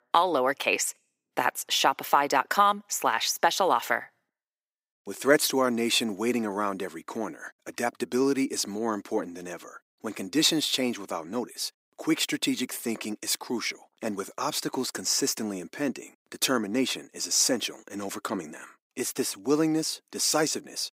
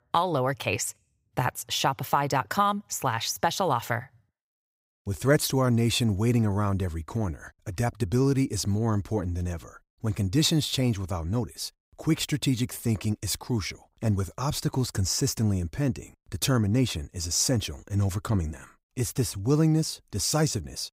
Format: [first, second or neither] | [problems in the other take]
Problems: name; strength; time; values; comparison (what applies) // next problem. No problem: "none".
second | thin; somewhat; fading below 250 Hz